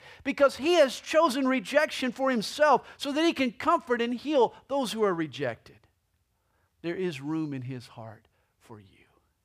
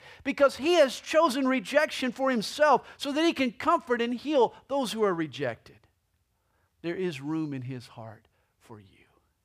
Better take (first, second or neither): neither